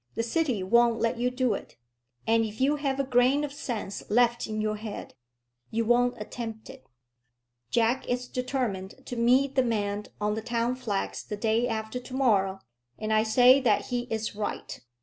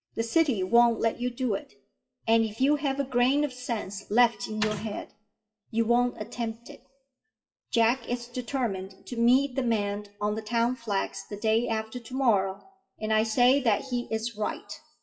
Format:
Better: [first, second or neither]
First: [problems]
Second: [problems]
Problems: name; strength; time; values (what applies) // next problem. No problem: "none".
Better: first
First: none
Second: noise reduction (classical method WPE with log-MMSE)